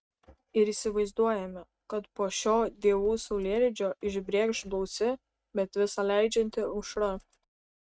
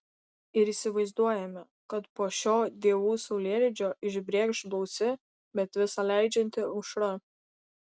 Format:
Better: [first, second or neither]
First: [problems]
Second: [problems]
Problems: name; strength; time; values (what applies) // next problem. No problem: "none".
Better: second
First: noise reduction (neural mask model RNNoise)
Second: none